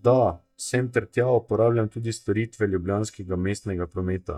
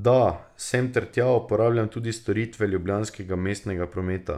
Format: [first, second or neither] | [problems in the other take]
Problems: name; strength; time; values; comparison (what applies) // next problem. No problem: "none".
second | noise reduction (neural mask model DeepFilterNet 3)